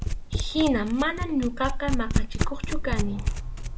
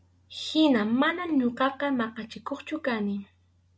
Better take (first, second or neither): second